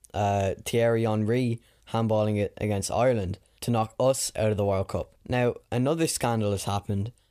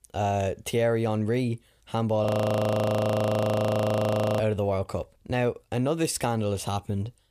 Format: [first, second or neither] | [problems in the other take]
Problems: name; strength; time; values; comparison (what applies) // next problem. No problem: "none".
first | audio freezing; at 2.5 s for 2 s